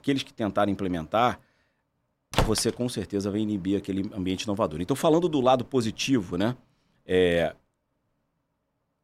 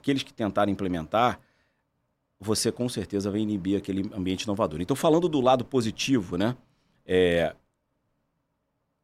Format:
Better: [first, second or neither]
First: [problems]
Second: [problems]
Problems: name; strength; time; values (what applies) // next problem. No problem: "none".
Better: second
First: door banging; noticeable; at 2.5 s; peak 2 dB below the speech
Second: none